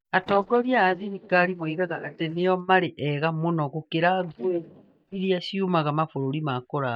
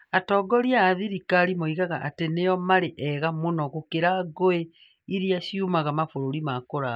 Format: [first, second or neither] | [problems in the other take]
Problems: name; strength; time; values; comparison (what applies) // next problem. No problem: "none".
second | noise reduction (neural mask model DeepFilterNet 3)